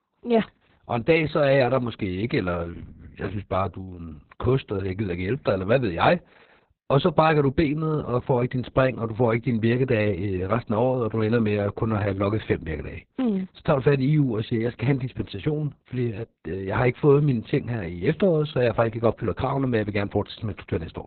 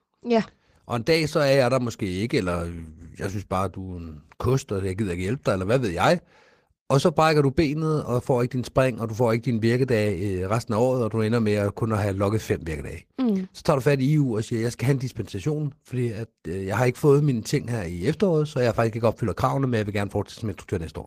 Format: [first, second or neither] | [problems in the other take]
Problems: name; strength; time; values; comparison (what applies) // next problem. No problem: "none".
second | garbled, watery; badly; nothing above 4 kHz; slightly in the second